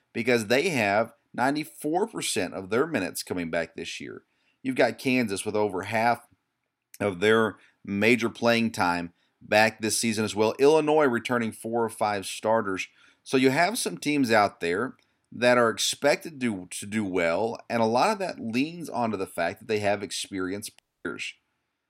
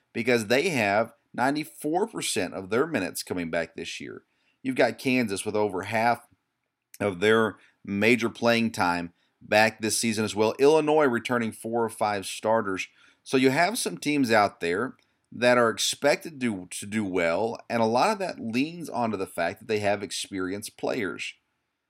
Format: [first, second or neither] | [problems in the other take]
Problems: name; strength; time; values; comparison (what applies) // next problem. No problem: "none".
second | audio cutting out; at 21 s